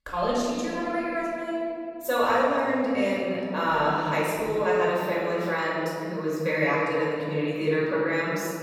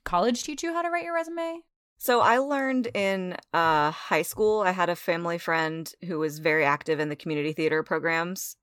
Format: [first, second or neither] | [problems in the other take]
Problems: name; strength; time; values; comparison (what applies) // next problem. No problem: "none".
second | room echo; strong; dies away in 2.6 s // off-mic speech; far